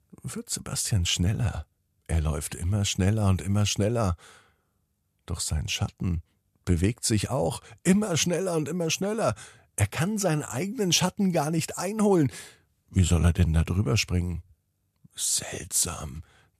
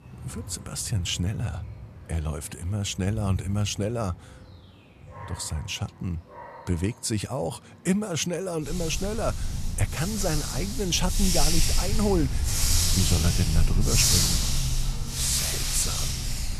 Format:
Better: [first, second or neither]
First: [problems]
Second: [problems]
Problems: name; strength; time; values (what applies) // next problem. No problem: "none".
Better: first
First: none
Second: animal sounds; very loud; throughout; 2 dB above the speech